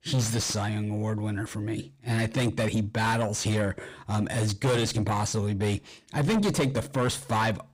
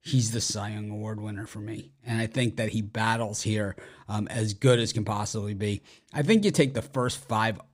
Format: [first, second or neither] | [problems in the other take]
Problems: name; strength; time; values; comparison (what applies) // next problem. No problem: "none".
second | distortion; heavy; 6 dB below the speech